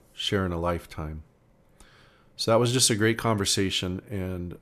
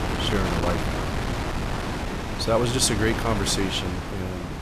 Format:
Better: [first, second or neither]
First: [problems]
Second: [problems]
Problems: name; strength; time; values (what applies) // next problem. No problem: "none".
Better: first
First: none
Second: wind noise on the microphone; heavy; 4 dB below the speech